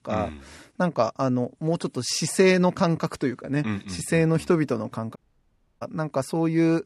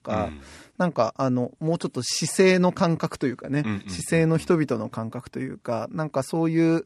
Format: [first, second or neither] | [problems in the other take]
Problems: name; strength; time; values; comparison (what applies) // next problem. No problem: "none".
second | audio cutting out; at 5 s for 0.5 s